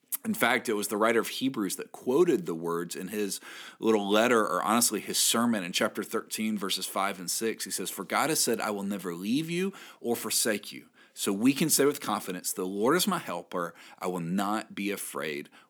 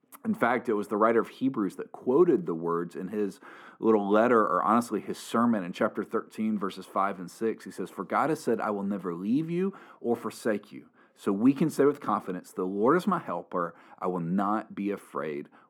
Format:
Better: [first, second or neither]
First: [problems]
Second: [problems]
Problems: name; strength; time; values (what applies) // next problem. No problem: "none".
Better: first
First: none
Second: muffled; very; fading above 2 kHz